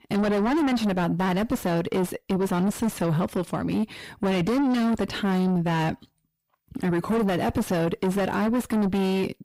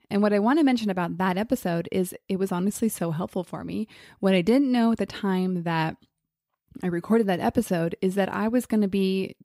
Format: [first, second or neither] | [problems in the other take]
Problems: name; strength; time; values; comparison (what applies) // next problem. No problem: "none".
second | distortion; heavy; 6 dB below the speech